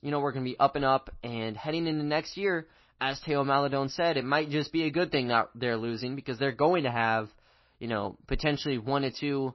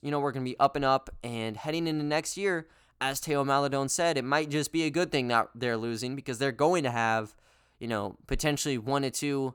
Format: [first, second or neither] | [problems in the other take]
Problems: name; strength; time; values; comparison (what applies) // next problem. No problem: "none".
second | garbled, watery; slightly; nothing above 5.5 kHz